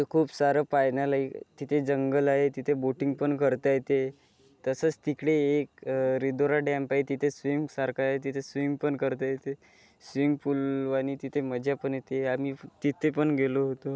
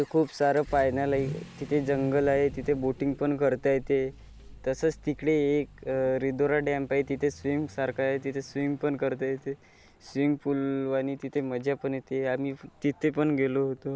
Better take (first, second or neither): first